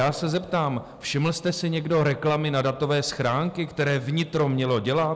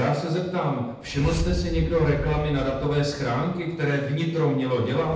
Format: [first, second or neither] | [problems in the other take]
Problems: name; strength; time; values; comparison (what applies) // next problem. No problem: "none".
first | background sound (Whoosh, swoosh, swish); 9 dB below the speech // room echo; dies away in 0.8 s